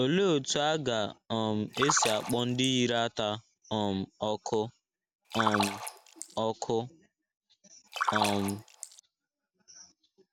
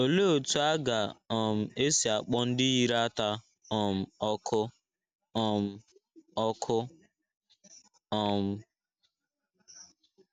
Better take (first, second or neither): second